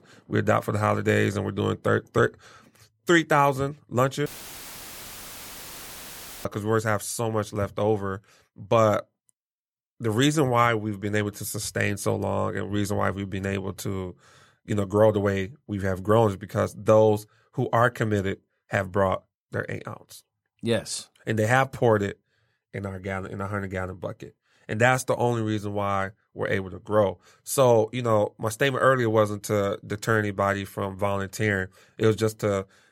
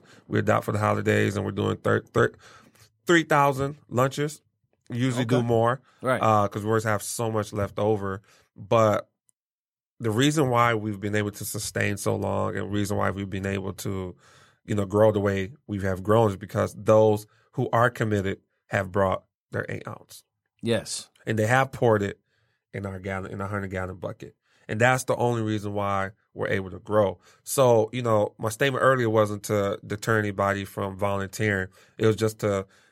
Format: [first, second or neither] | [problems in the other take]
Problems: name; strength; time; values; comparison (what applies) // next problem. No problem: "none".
second | audio cutting out; filled with static; at 4.5 s for 2 s